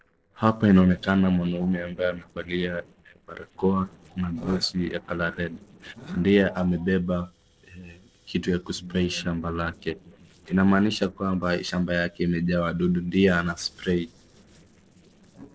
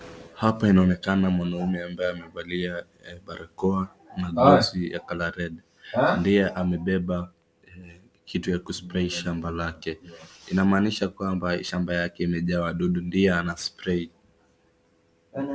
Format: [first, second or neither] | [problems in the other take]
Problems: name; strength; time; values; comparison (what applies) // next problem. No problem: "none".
second | noise reduction (neural separator model SepFormer DNS4)